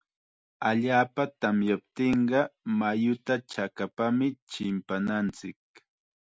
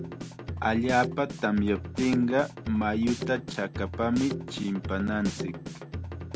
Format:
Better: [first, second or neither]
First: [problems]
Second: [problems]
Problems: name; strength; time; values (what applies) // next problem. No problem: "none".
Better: first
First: none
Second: background sound (Drum kit); 7 dB below the speech